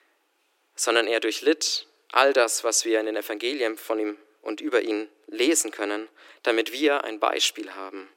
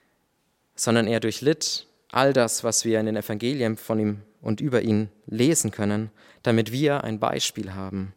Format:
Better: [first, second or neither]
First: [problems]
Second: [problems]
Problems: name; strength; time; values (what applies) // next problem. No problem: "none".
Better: second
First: thin; very; fading below 300 Hz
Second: none